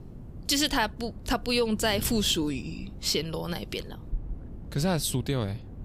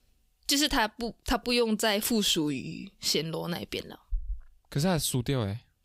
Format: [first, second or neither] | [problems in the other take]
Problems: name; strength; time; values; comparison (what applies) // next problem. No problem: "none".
second | wind noise on the microphone; occasional gusts; 25 dB below the speech